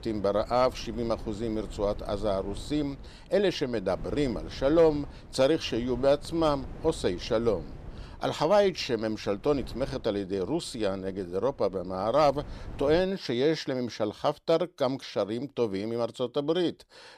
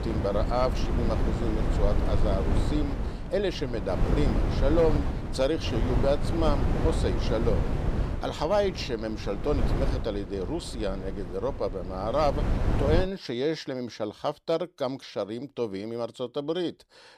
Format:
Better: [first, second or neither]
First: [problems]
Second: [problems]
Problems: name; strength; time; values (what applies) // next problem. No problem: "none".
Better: first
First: wind noise on the microphone; occasional gusts; until 13 s; 25 dB below the speech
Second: wind noise on the microphone; heavy; until 13 s; 6 dB below the speech